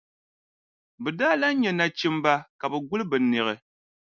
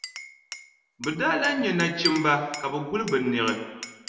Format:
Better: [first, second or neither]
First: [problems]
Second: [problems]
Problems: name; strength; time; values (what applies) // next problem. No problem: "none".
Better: first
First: none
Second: background sound (Glass); 12 dB below the speech // room echo; dies away in 1.2 s